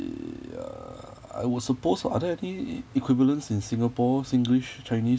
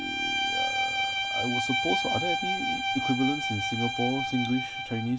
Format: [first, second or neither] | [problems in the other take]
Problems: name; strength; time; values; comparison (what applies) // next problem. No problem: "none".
first | background sound (Bowed string instrument); 2 dB above the speech